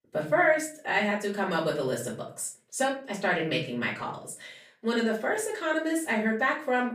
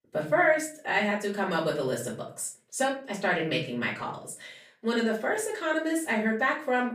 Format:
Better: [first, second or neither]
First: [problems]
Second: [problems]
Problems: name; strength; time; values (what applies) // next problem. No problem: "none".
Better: neither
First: off-mic speech; far // room echo; slight; dies away in 0.4 s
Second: off-mic speech; far // room echo; slight; dies away in 0.4 s